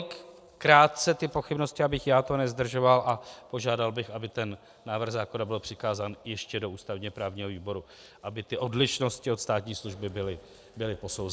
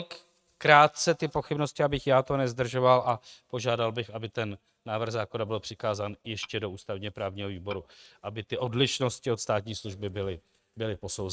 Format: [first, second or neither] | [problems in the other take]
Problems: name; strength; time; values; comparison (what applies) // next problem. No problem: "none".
first | noise reduction (neural mask model RNNoise)